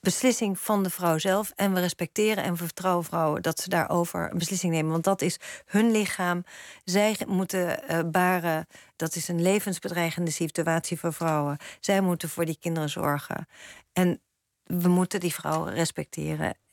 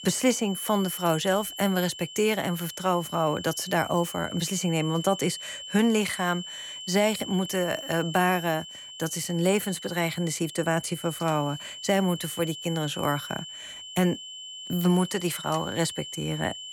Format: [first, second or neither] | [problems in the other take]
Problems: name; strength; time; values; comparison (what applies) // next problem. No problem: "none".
first | high-pitched whine; noticeable; throughout; 3 kHz, 10 dB below the speech